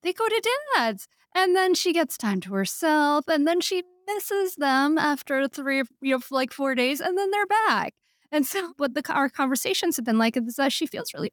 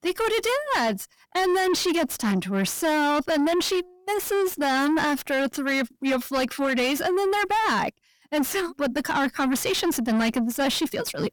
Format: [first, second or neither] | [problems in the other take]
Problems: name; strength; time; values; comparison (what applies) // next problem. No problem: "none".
first | distortion; heavy; 7 dB below the speech